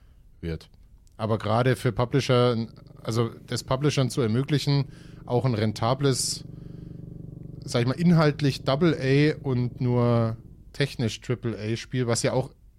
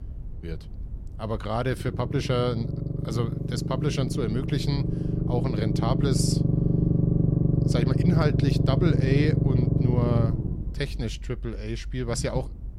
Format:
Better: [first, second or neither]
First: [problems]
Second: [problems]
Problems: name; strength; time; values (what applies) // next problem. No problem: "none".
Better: first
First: low rumble; faint; throughout; 25 dB below the speech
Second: low rumble; loud; throughout; 2 dB below the speech